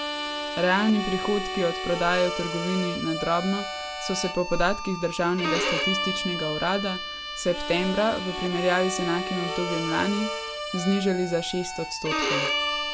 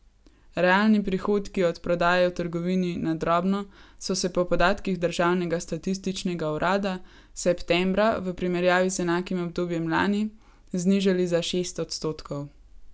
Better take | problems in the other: second | background sound (Harmonica + Bowed string instrument); 4 dB below the speech

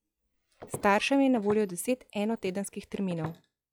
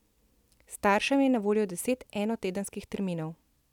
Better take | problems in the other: second | noise reduction (classical method log-MMSE)

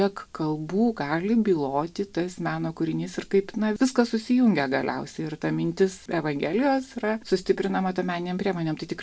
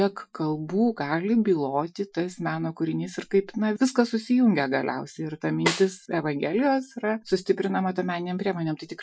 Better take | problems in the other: first | noise reduction (classical method Wiener filter)

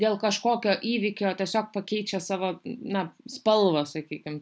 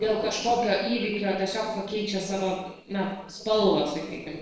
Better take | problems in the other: first | noise reduction (neural separator model SepFormer DNS4)

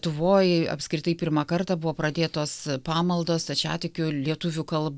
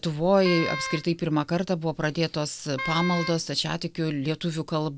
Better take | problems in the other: first | background sound (Wind instrument, woodwind instrument); 9 dB below the speech

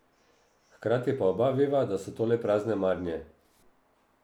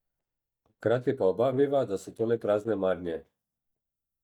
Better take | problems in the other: first | noise reduction (neural mask model DeepFilterNet 3)

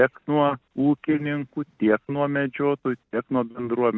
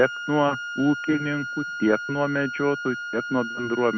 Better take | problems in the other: first | background sound (Wind instrument, woodwind instrument); 8 dB below the speech

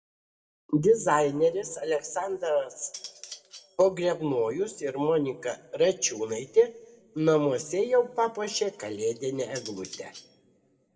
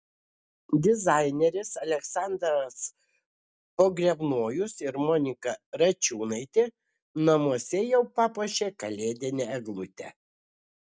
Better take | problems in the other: second | background sound (Cutlery, silverware); 18 dB below the speech // room echo; dies away in 1 s

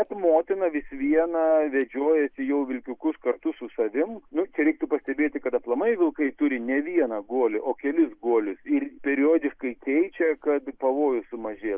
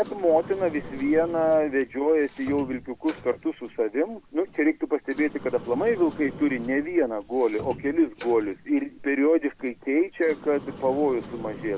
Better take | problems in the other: first | background sound (Sliding door); 17 dB below the speech

